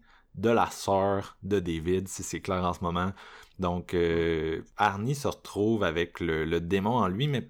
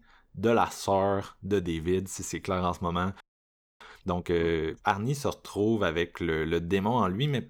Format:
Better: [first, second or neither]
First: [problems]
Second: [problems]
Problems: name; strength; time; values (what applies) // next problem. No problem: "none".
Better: first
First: none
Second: audio freezing; at 3 s for 0.5 s